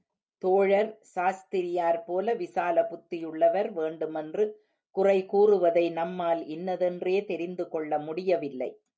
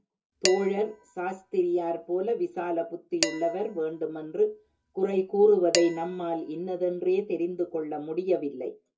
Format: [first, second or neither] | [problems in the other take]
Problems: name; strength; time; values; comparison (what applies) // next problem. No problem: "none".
first | background sound (Dishes, pots, and pans); 11 dB below the speech // room echo; dies away in 0.2 s